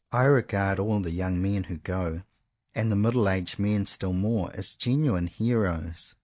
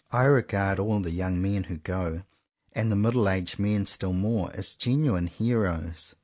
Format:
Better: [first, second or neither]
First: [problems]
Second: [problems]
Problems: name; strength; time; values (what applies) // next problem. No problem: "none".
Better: second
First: noise reduction (neural mask model DeepFilterNet 3)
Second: none